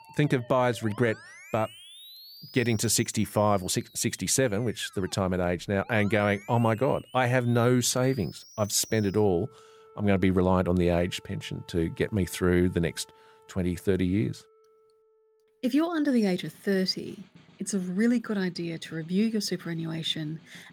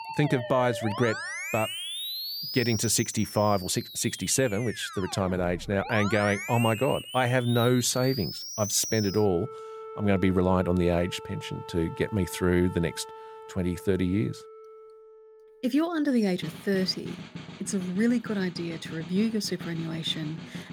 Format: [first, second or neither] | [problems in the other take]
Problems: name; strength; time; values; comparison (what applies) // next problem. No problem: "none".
first | background music; loud; throughout; 10 dB below the speech; faint in the first